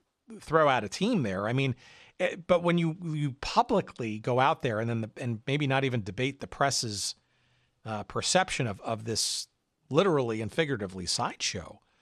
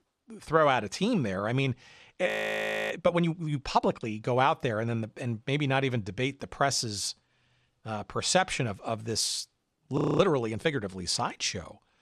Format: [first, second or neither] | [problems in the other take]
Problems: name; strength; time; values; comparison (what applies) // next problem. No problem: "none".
first | audio freezing; at 2.5 s for 0.5 s and at 10 s